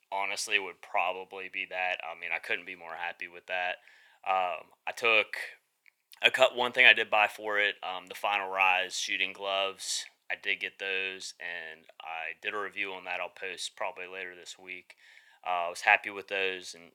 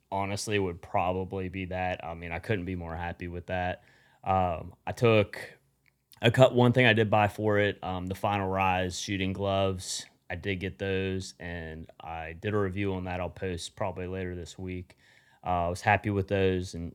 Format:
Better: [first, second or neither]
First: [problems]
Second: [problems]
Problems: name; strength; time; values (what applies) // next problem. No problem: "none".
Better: second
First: thin; very; fading below 750 Hz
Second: none